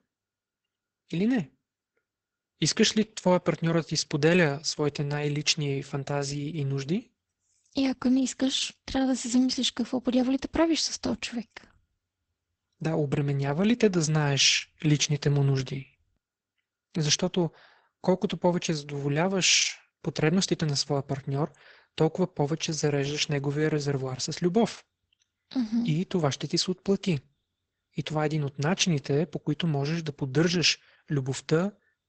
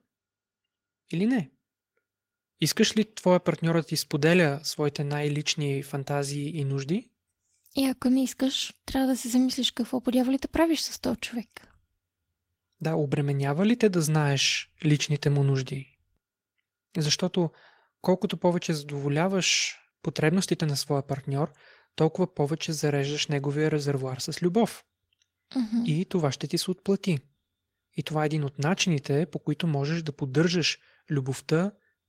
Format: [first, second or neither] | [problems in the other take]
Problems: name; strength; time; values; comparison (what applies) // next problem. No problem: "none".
second | garbled, watery; badly; nothing above 7.5 kHz; slightly in the second